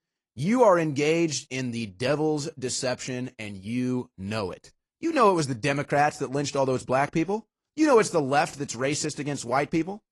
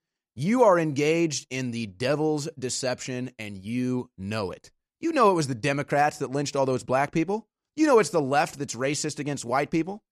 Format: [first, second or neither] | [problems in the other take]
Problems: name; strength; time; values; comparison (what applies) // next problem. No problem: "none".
second | garbled, watery; slightly